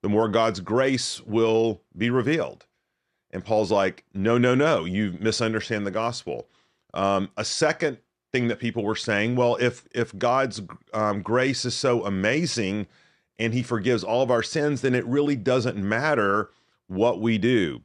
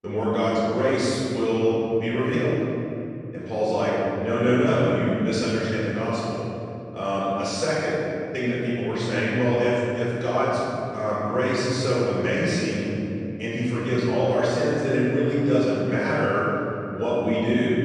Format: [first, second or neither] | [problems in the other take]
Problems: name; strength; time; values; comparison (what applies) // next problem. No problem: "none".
first | off-mic speech; far // room echo; strong; dies away in 3 s